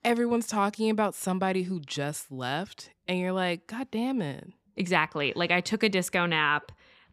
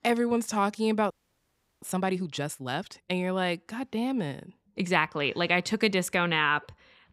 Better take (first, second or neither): first